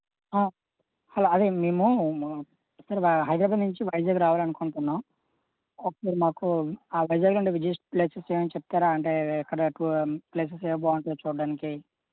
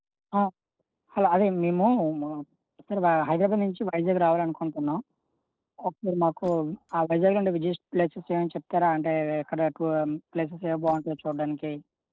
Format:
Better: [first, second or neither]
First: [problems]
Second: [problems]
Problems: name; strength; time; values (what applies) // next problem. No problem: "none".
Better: first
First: none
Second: noise reduction (neural separator model SepFormer DNS4)